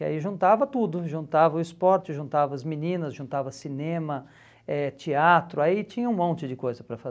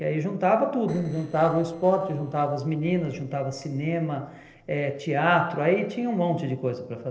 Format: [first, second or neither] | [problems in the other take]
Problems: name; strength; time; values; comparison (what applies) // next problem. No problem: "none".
first | noise reduction (neural separator model SepFormer DNS4)